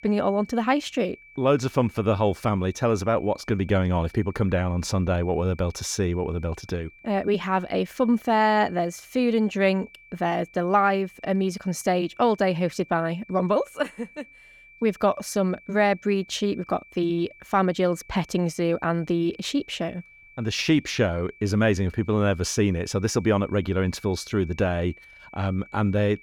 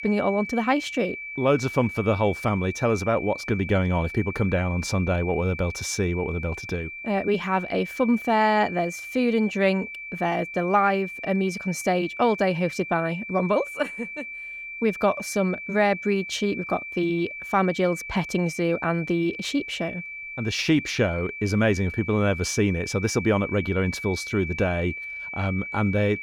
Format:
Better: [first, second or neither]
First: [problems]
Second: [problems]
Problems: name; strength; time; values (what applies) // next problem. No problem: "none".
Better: first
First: high-pitched whine; faint; throughout; 2.5 kHz, 25 dB below the speech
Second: high-pitched whine; loud; throughout; 2.5 kHz, 9 dB below the speech